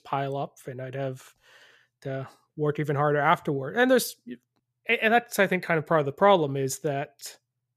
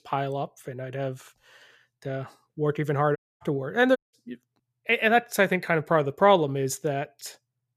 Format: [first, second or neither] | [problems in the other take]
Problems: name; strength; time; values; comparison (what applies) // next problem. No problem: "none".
first | audio cutting out; at 3 s and at 4 s